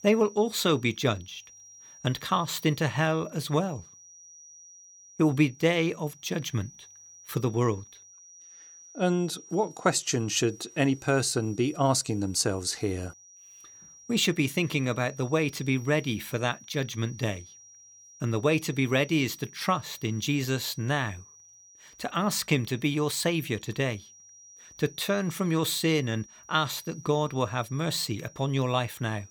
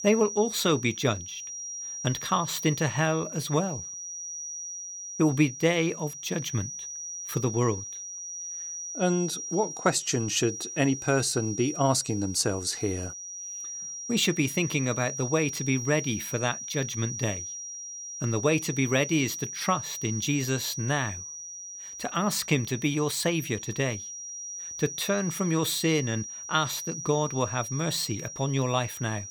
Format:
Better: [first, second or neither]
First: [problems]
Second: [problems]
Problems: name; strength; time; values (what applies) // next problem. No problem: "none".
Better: first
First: high-pitched whine; faint; throughout; 6 kHz, 20 dB below the speech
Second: high-pitched whine; loud; throughout; 6 kHz, 8 dB below the speech